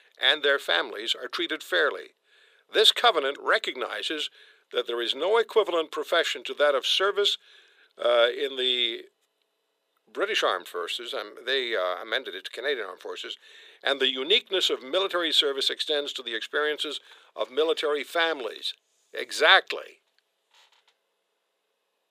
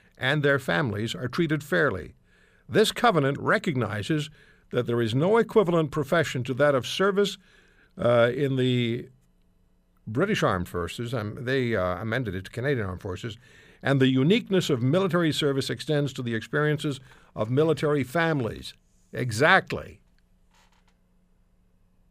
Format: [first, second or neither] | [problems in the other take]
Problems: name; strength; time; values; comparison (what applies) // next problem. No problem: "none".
second | thin; very; fading below 400 Hz